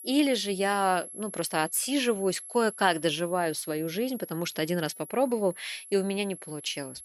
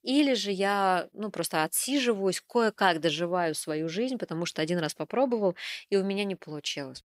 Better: second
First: high-pitched whine; noticeable; throughout; 11 kHz, 15 dB below the speech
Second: none

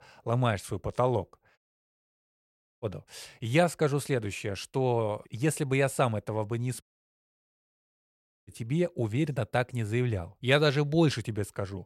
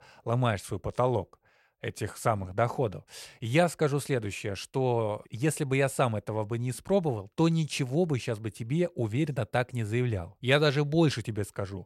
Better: second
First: audio cutting out; at 1.5 s for 1 s and at 7 s for 1.5 s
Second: none

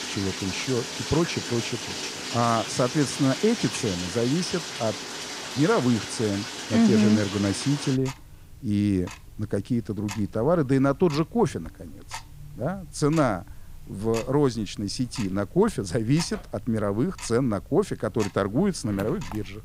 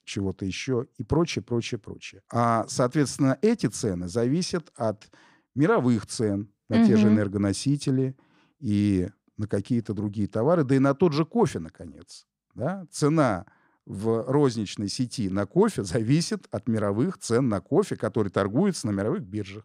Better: second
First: household noises; loud; throughout; 8 dB below the speech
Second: none

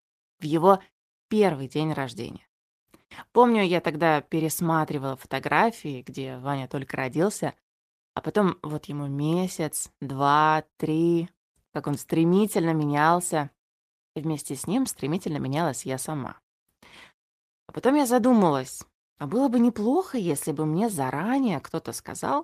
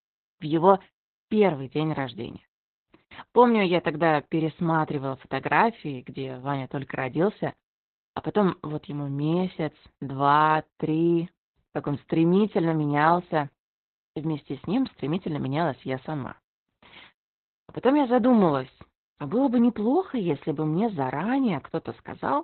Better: first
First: garbled, watery; slightly; nothing above 14.5 kHz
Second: garbled, watery; badly; nothing above 4 kHz

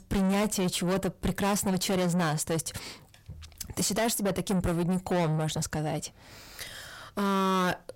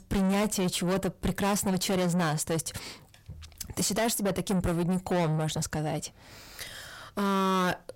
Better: neither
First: distortion; heavy; 6 dB below the speech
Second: distortion; heavy; 6 dB below the speech

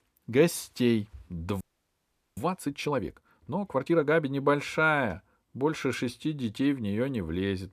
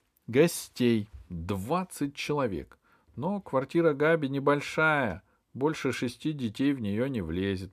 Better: second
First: audio freezing; at 1.5 s for 1 s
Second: none

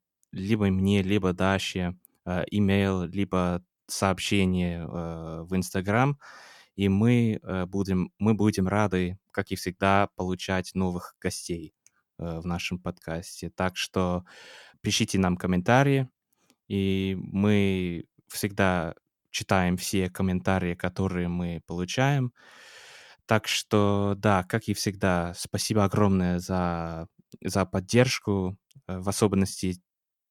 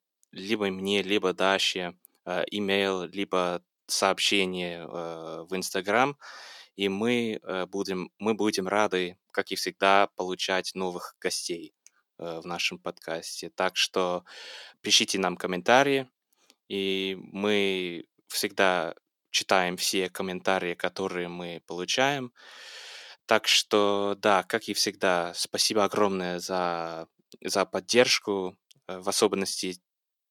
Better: first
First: none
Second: thin; somewhat; fading below 400 Hz

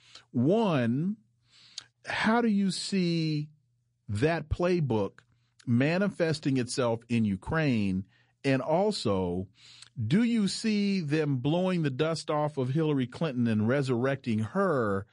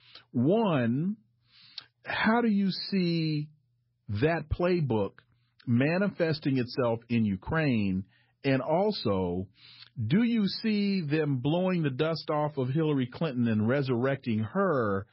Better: first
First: garbled, watery; slightly; nothing above 10.5 kHz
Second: garbled, watery; badly; nothing above 5 kHz

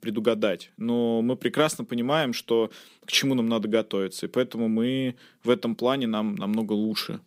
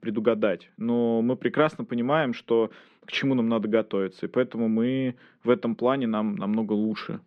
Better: first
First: none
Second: muffled; very; fading above 2 kHz

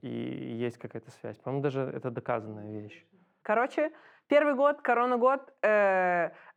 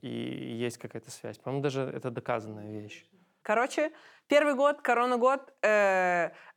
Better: second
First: muffled; slightly; fading above 3.5 kHz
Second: none

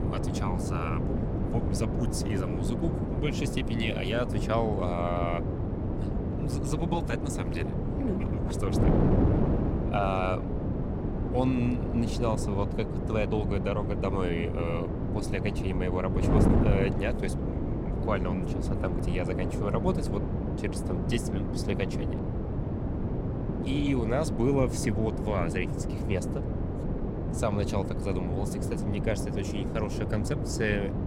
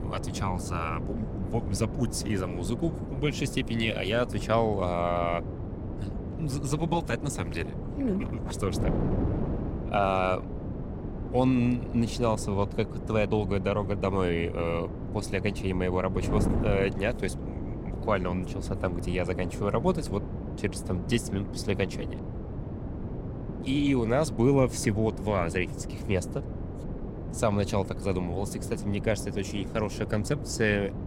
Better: second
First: wind noise on the microphone; heavy; 3 dB below the speech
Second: wind noise on the microphone; occasional gusts; 10 dB below the speech

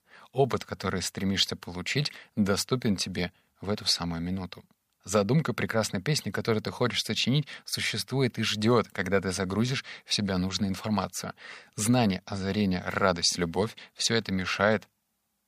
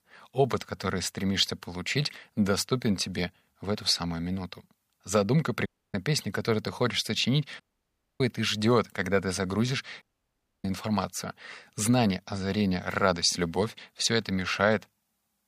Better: first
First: none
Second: audio cutting out; at 5.5 s, at 7.5 s for 0.5 s and at 10 s for 0.5 s

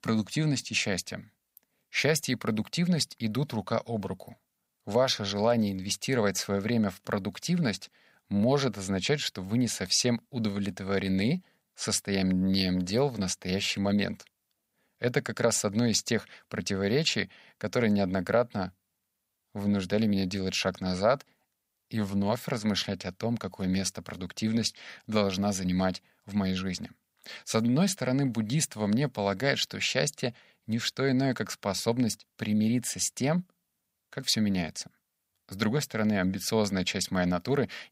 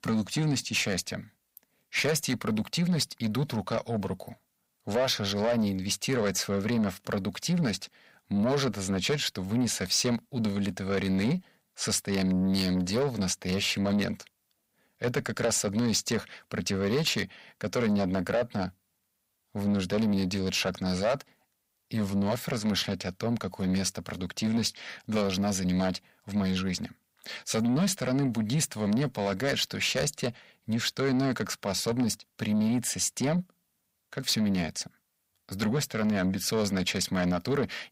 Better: first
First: none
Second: distortion; slight; 10 dB below the speech

